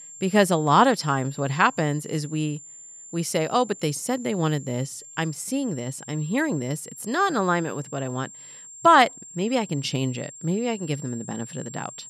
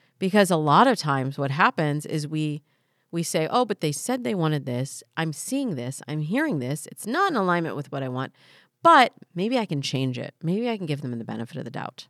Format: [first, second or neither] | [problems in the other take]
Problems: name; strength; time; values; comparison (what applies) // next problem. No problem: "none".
second | high-pitched whine; noticeable; throughout; 7.5 kHz, 15 dB below the speech